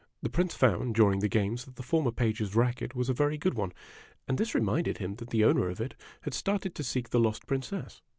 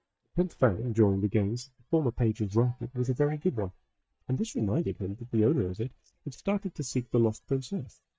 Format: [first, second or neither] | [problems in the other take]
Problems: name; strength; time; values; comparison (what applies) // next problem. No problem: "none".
first | noise reduction (neural mask model DeepFilterNet 3)